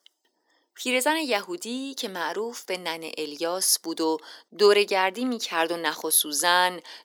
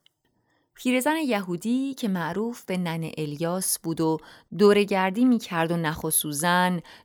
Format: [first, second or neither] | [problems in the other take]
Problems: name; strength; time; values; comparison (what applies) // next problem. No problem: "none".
second | thin; somewhat; fading below 300 Hz